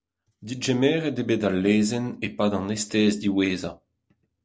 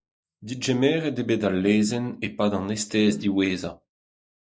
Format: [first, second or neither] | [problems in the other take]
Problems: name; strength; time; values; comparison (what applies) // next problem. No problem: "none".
first | noise reduction (neural mask model Resemble Enhance denoiser)